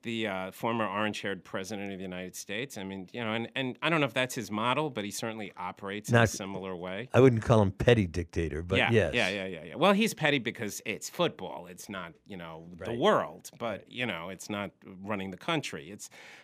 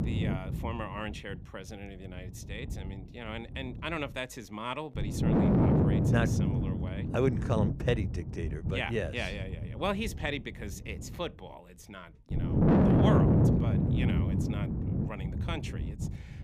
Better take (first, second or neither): first